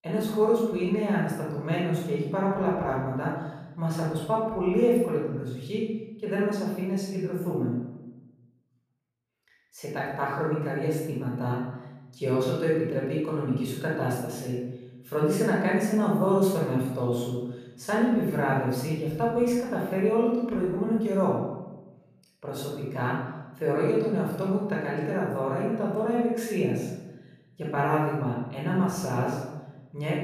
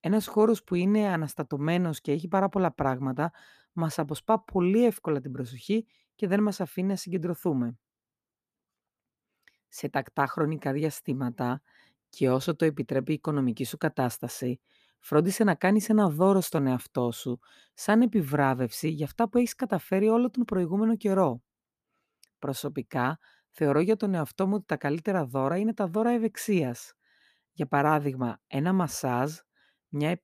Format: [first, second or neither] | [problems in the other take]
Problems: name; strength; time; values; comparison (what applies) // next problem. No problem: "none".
second | off-mic speech; far // room echo; noticeable; dies away in 0.9 s